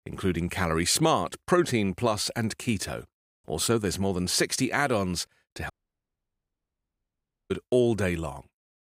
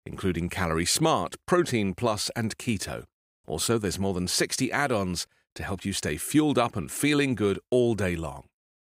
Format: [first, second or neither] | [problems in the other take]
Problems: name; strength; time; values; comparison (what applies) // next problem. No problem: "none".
second | audio cutting out; at 5.5 s for 2 s